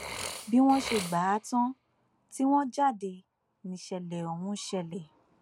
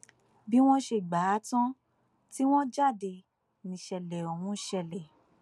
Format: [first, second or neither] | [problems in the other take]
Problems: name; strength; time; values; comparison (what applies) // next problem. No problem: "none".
second | background sound (Burping, eructation); 14 dB below the speech